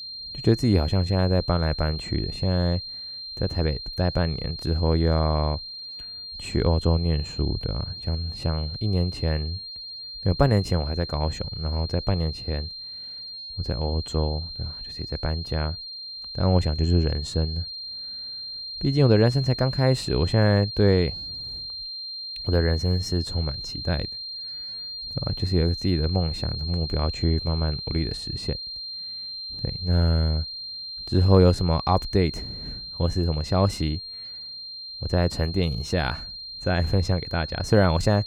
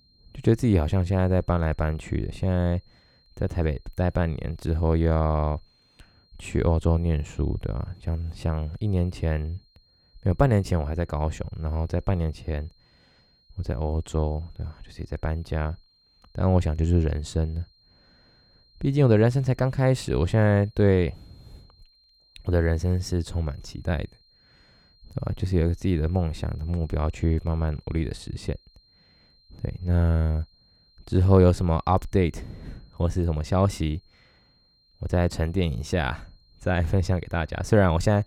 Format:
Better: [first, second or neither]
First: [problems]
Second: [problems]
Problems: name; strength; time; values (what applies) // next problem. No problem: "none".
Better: second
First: high-pitched whine; loud; throughout; 4 kHz, 8 dB below the speech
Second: high-pitched whine; faint; throughout; 4 kHz, 35 dB below the speech